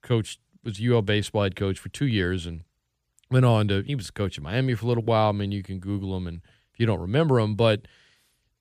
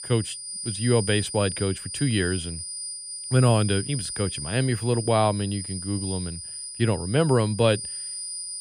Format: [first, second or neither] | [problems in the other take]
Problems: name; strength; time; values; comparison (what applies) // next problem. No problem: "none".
first | high-pitched whine; loud; throughout; 9.5 kHz, 8 dB below the speech